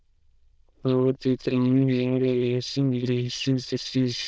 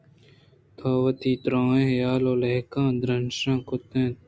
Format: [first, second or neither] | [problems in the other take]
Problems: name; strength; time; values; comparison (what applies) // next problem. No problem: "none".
second | noise reduction (neural diffusion model UNIVERSE++)